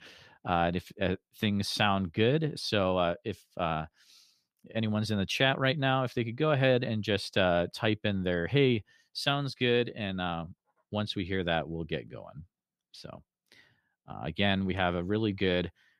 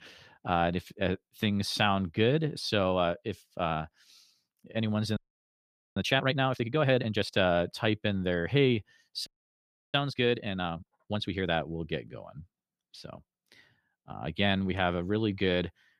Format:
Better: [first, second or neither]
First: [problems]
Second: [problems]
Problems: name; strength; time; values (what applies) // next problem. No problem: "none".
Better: first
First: none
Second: audio freezing; at 5 s for 1 s and at 9.5 s for 0.5 s